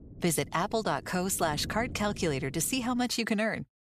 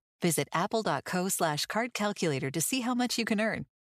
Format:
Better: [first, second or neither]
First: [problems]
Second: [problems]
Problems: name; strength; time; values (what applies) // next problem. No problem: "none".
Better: second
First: wind noise on the microphone; occasional gusts; until 3 s; 20 dB below the speech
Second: none